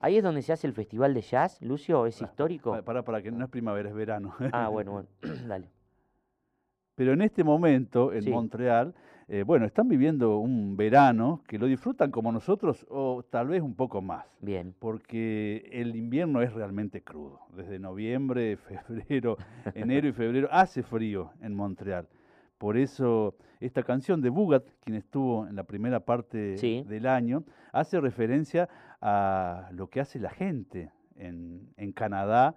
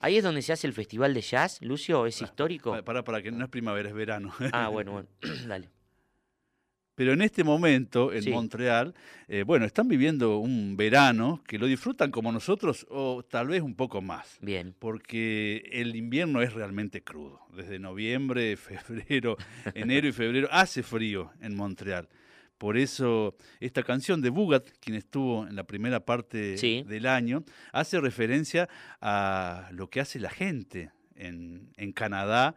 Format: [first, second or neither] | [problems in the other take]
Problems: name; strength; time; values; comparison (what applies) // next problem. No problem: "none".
second | muffled; very; fading above 1.5 kHz